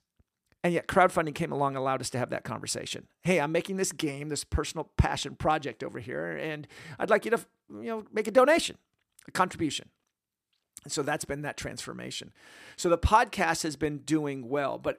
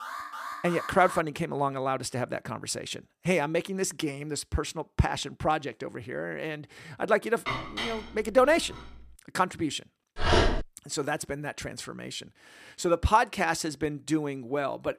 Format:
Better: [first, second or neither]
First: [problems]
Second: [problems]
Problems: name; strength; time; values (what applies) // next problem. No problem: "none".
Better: first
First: none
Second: alarm; noticeable; until 1 s; peak 8 dB below the speech // clattering dishes; noticeable; from 7.5 to 9 s; peak 3 dB below the speech // dog barking; loud; at 10 s; peak 5 dB above the speech